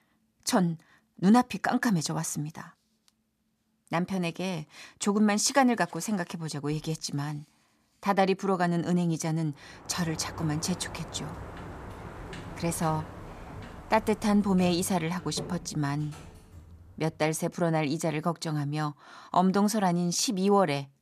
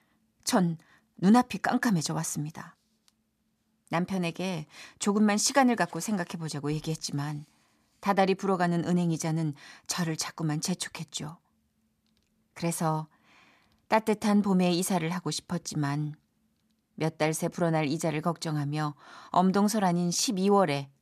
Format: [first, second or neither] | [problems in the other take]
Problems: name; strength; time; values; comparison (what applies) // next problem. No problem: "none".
second | door banging; faint; from 9.5 to 17 s; peak 10 dB below the speech